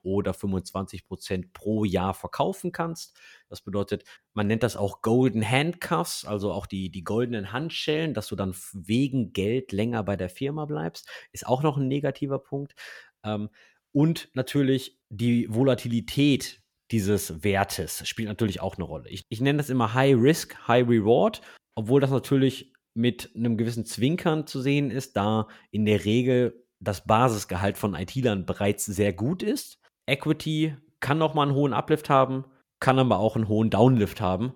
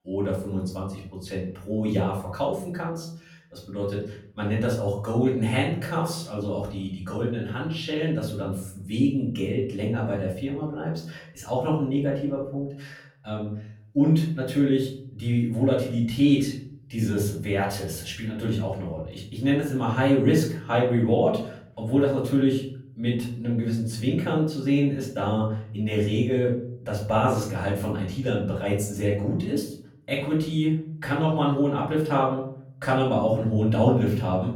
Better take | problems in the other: first | room echo; slight; dies away in 0.7 s // off-mic speech; far

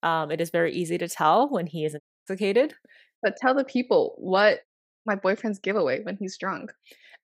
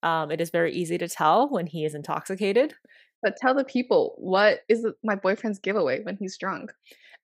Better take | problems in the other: second | audio cutting out; at 2 s and at 4.5 s

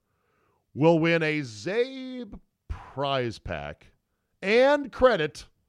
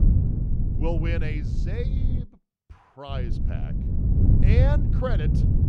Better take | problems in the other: first | wind noise on the microphone; heavy; until 2 s and from 3 s on; 3 dB below the speech

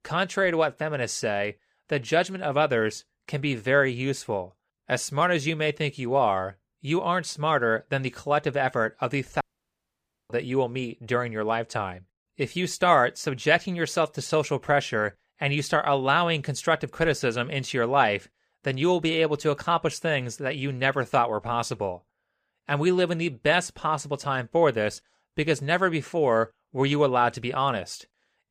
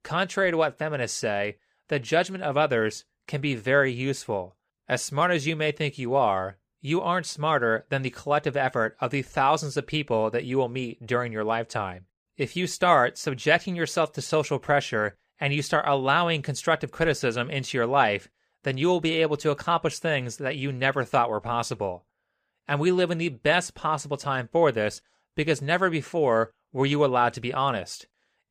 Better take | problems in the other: second | audio cutting out; at 9.5 s for 1 s

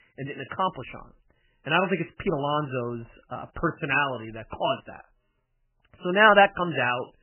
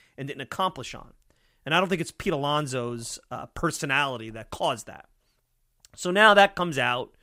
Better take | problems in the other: second | garbled, watery; badly; nothing above 3 kHz

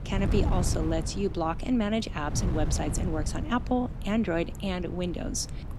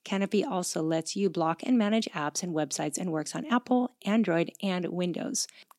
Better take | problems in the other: second | wind noise on the microphone; occasional gusts; 10 dB below the speech

